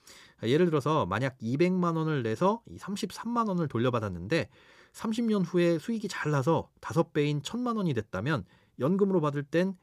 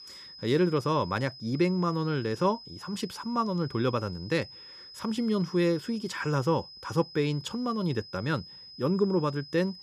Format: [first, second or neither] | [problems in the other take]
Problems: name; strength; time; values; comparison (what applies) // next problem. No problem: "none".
first | high-pitched whine; noticeable; throughout; 5 kHz, 15 dB below the speech